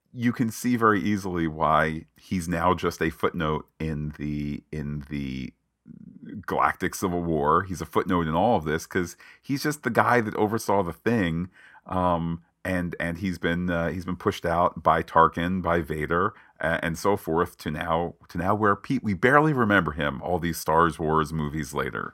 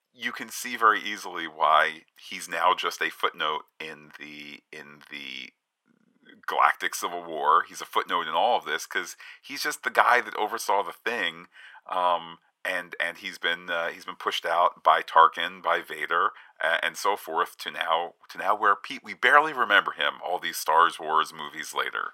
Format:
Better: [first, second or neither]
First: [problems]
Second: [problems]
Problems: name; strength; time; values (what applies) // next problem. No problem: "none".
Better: first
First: none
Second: thin; very; fading below 800 Hz